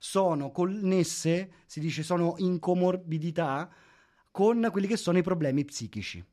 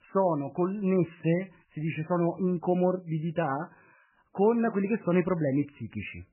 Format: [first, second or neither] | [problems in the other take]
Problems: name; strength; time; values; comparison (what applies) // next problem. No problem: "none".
first | garbled, watery; badly; nothing above 3 kHz